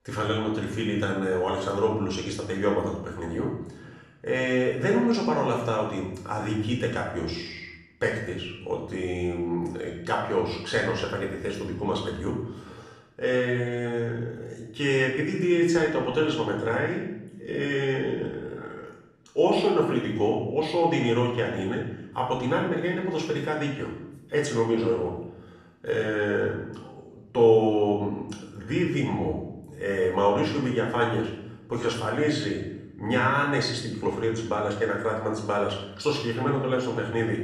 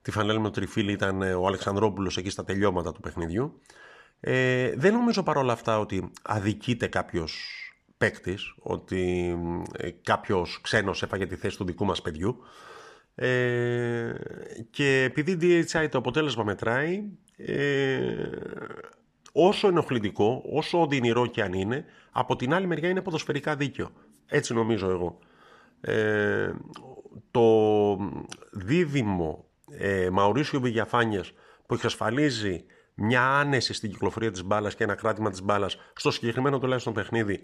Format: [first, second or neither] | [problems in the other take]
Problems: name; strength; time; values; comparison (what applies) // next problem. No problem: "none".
second | room echo; noticeable; dies away in 0.7 s // off-mic speech; far